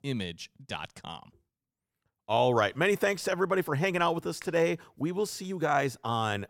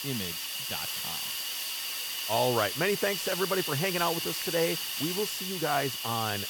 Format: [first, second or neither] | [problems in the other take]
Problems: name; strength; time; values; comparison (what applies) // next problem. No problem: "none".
first | hiss; loud; throughout; 1 dB below the speech